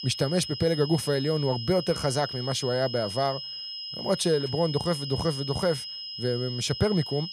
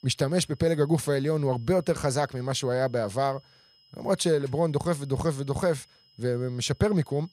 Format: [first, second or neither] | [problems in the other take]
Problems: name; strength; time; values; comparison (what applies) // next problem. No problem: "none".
second | high-pitched whine; loud; throughout; 5 kHz, 7 dB below the speech; faint in the second